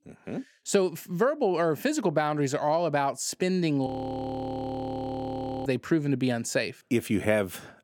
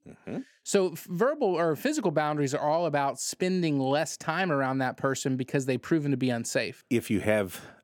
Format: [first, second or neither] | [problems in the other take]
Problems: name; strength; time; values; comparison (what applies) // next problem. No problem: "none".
second | audio freezing; at 4 s for 2 s